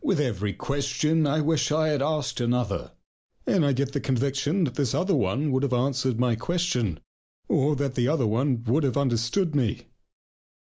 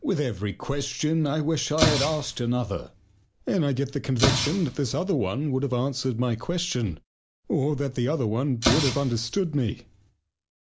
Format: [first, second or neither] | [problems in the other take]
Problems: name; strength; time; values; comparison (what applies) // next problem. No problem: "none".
first | background sound (Explosion); 4 dB below the speech